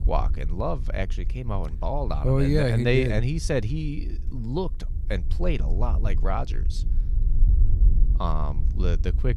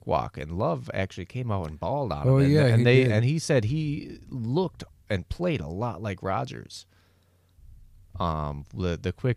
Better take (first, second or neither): second